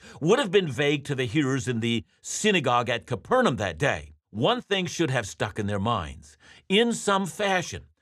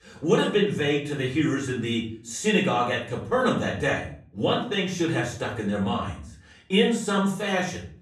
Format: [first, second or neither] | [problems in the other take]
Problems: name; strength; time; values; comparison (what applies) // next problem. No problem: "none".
first | off-mic speech; far // room echo; slight; dies away in 0.4 s